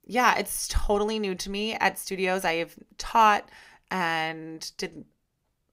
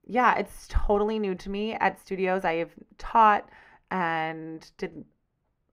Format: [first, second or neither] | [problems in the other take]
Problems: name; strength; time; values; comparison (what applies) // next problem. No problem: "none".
first | muffled; very; fading above 3 kHz